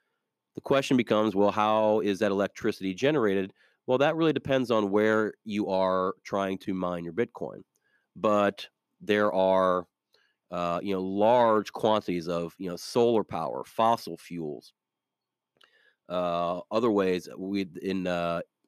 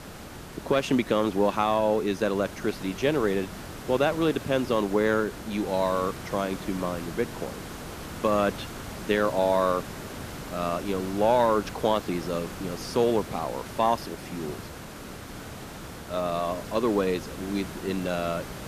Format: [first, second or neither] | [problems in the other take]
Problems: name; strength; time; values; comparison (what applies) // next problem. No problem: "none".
first | hiss; noticeable; throughout; 10 dB below the speech